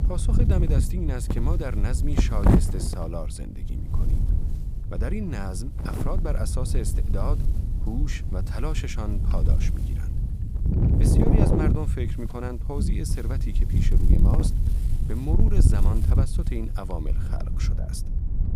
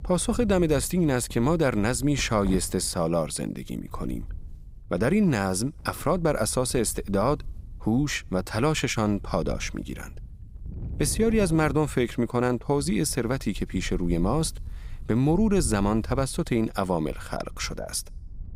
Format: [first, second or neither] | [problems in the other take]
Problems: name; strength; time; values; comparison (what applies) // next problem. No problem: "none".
second | wind noise on the microphone; heavy; as loud as the speech; occasional gusts in the second